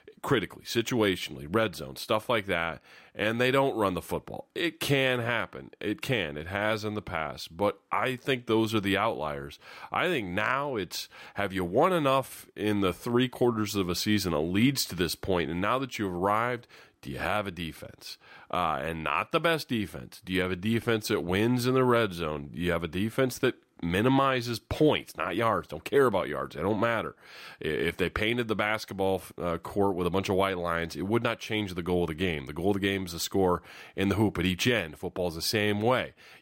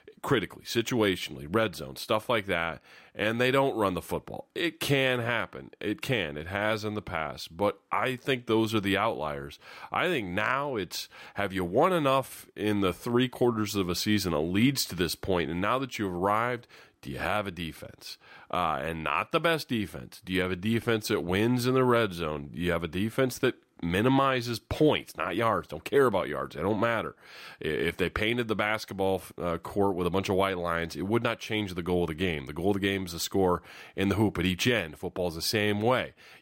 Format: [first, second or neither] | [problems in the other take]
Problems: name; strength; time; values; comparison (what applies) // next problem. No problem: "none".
neither | none